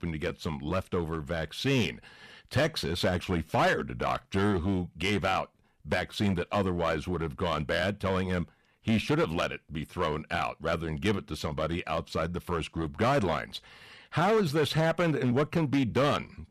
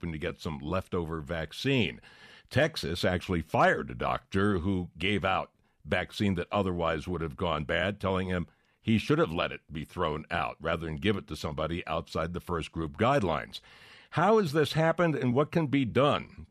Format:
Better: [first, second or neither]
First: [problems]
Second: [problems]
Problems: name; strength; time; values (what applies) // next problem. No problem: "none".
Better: second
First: distortion; slight; 6% of the sound clipped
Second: none